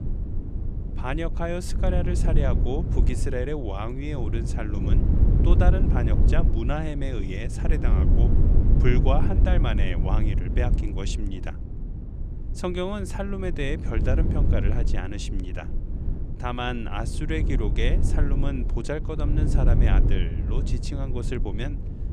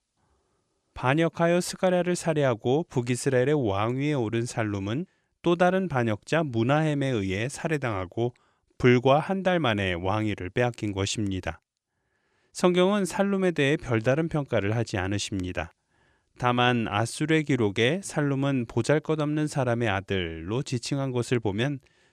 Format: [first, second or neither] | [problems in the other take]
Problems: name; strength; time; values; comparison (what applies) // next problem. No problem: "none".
second | low rumble; loud; throughout; 6 dB below the speech